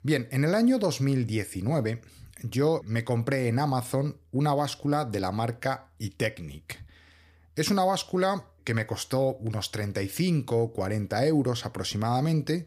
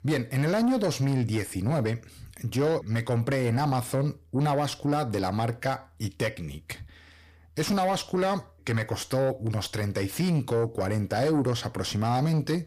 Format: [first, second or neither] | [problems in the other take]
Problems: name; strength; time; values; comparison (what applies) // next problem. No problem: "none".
first | distortion; slight; 10 dB below the speech